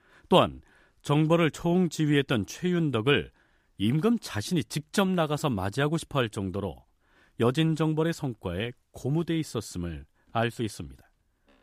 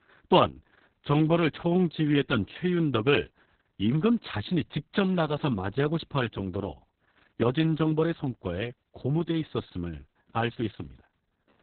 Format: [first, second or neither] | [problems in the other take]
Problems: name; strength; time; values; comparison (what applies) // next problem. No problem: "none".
first | garbled, watery; badly; nothing above 4 kHz